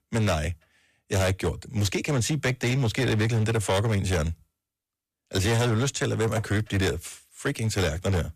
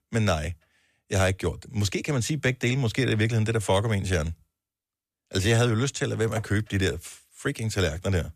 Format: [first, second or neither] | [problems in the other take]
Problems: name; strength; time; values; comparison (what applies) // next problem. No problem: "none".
second | distortion; slight; 12% of the sound clipped